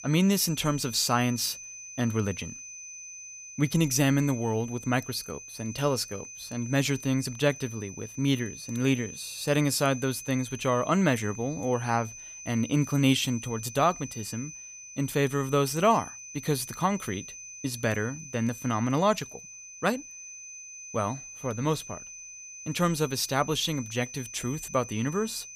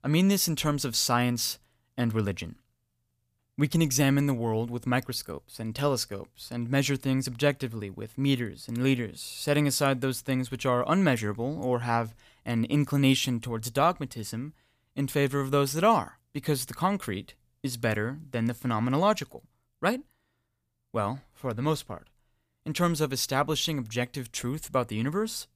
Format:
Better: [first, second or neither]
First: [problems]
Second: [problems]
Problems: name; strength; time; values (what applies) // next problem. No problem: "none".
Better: second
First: high-pitched whine; noticeable; throughout; 6 kHz, 15 dB below the speech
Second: none